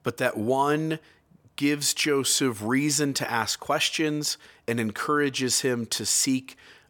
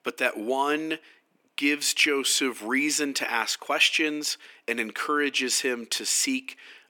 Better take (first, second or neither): first